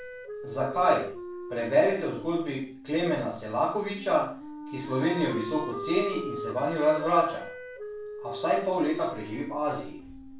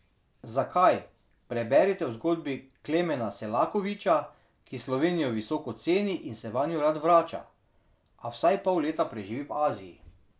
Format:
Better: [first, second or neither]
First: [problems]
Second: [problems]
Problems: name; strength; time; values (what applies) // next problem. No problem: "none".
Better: second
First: background sound (Wind instrument, woodwind instrument); 11 dB below the speech // room echo; dies away in 0.4 s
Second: none